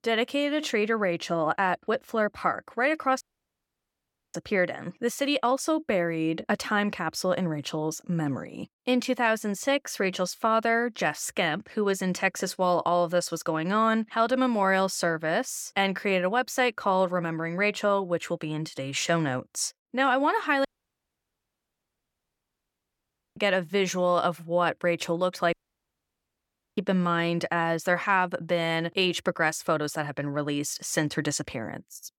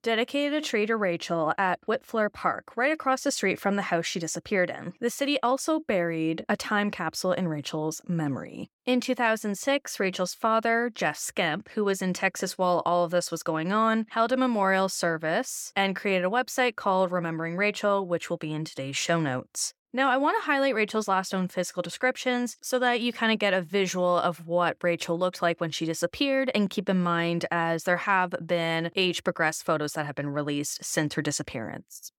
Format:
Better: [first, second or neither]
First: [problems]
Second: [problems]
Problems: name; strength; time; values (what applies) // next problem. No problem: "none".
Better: second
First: audio cutting out; at 3 s for 1 s, at 21 s for 2.5 s and at 26 s for 1 s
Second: none